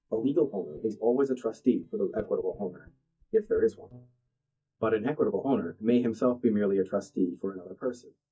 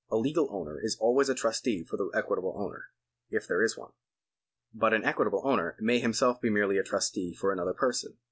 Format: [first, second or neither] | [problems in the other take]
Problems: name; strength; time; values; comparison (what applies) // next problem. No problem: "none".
second | noise reduction (neural mask model DeepFilterNet 3)